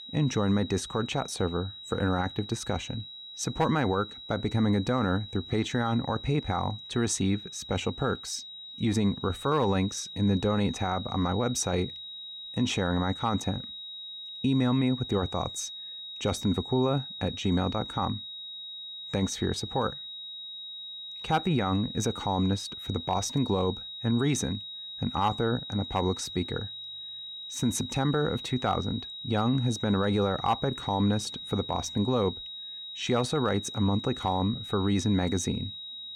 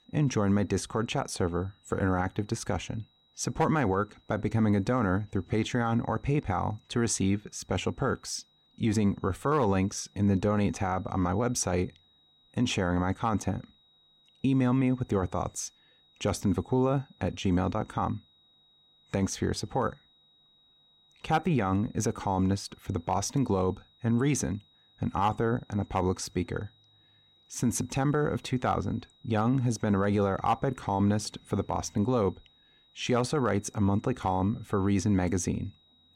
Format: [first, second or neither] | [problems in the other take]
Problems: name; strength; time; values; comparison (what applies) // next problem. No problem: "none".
second | high-pitched whine; loud; throughout; 4 kHz, 9 dB below the speech; faint in the second